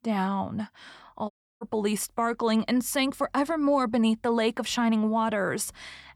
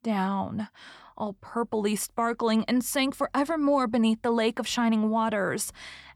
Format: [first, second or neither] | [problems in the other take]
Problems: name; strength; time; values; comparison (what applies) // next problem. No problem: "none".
second | audio cutting out; at 1.5 s